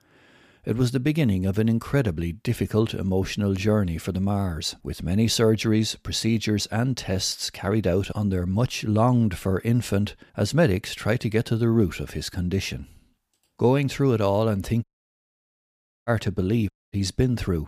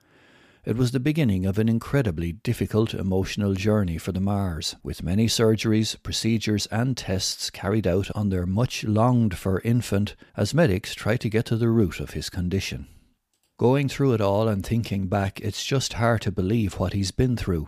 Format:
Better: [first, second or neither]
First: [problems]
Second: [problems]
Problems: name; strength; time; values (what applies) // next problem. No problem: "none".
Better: second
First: audio cutting out; at 15 s for 1 s and at 17 s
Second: none